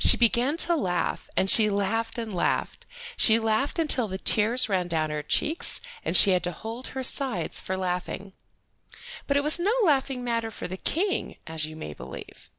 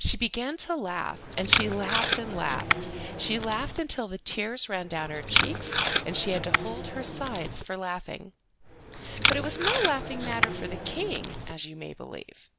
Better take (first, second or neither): first